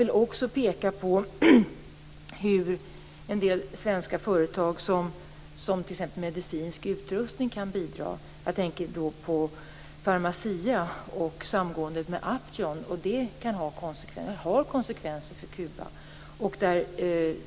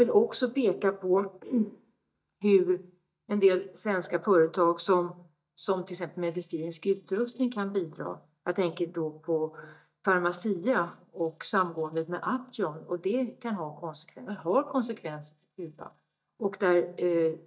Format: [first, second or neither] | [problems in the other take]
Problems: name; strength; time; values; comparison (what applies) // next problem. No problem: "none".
first | noise reduction (neural mask model DeepFilterNet 3)